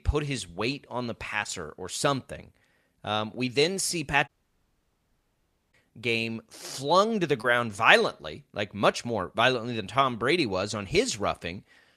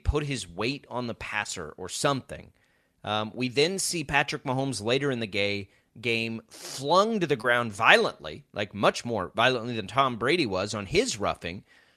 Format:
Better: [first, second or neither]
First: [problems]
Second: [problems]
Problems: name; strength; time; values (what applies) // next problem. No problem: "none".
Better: second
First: audio cutting out; at 4.5 s for 1.5 s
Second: none